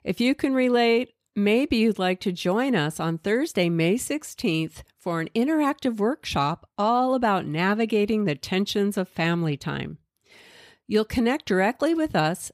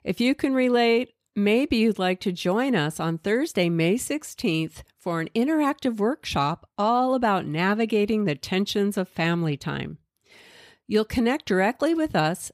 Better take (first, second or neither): neither